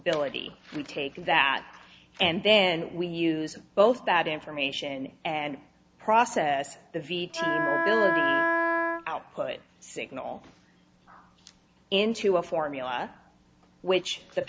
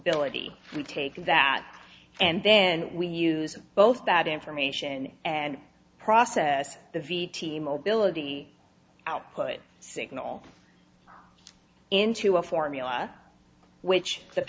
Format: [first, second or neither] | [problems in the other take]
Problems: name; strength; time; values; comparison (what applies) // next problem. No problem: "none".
second | background sound (Wind instrument, woodwind instrument); 2 dB above the speech